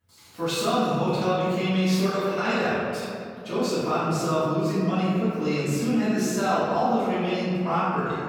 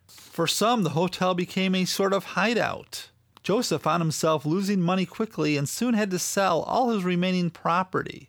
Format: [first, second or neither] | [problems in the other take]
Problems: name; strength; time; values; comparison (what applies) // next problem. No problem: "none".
second | room echo; strong; dies away in 2.3 s // off-mic speech; far